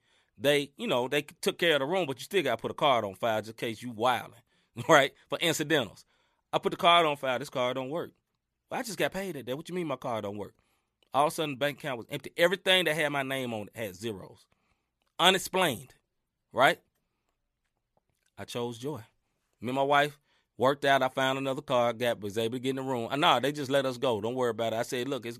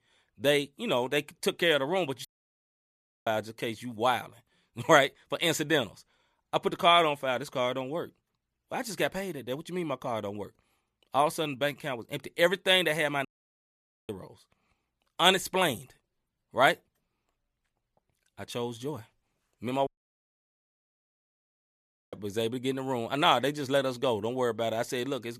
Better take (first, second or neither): first